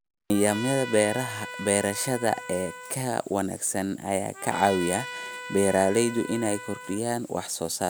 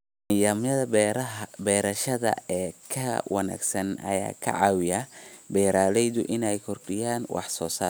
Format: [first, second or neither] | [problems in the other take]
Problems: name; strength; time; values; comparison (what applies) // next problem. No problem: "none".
second | background sound (Trumpet); 12 dB below the speech